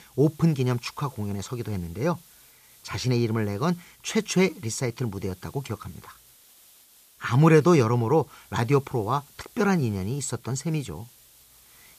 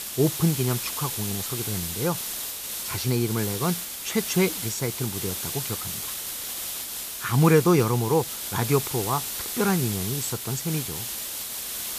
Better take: first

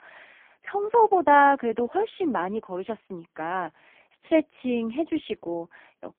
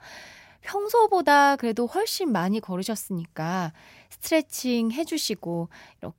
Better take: second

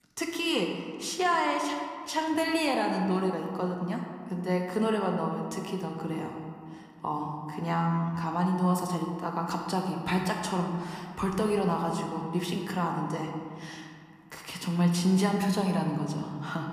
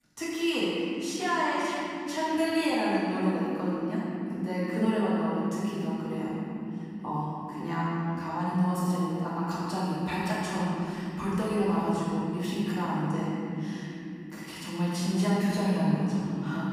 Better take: first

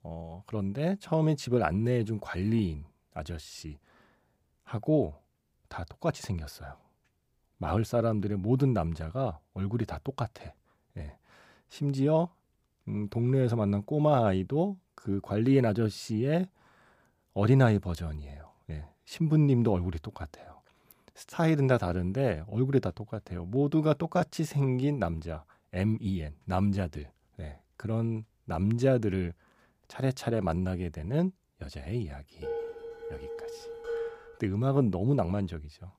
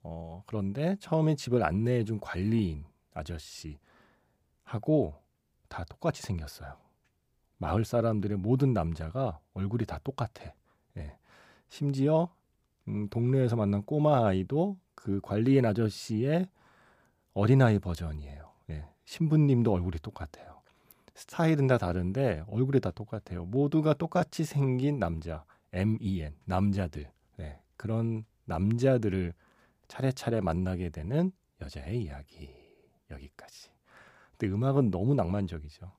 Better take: second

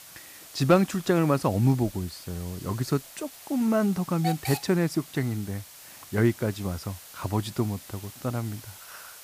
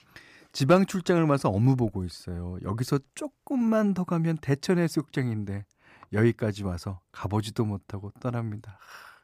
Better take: second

